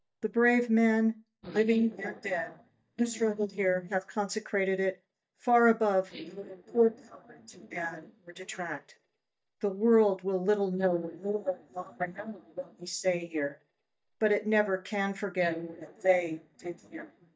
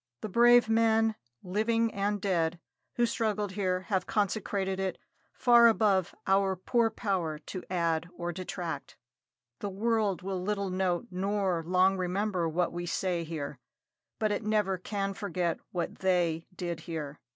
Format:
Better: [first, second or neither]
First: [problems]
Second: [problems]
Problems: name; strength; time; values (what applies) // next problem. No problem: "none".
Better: second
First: noise reduction (neural mask model DeepFilterNet 3)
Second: none